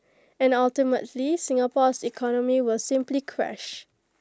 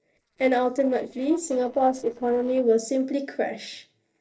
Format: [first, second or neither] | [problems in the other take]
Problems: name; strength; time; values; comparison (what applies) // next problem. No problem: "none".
first | noise reduction (neural separator model SepFormer DNS4)